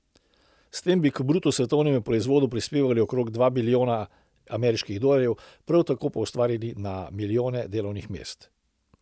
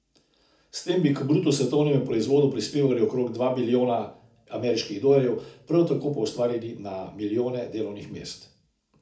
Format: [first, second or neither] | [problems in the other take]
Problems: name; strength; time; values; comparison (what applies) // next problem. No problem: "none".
first | room echo; dies away in 0.4 s